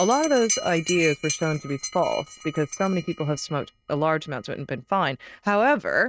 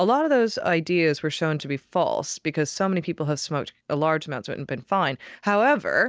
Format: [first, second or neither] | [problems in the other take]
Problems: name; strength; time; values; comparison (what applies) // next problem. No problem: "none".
second | noise reduction (neural mask model RNNoise)